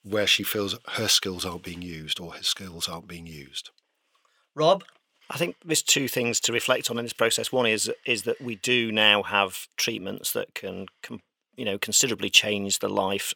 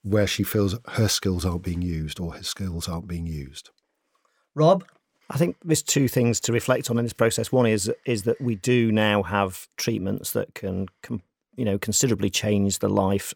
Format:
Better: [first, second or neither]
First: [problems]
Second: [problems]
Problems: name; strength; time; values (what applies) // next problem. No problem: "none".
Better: second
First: thin; somewhat; fading below 650 Hz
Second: none